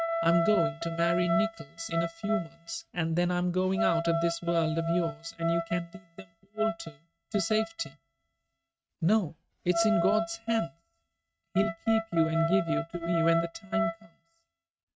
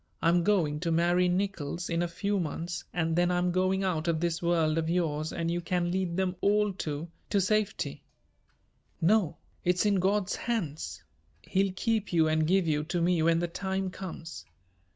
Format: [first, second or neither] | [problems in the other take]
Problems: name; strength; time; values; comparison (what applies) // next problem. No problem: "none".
second | noise reduction (neural mask model RNNoise)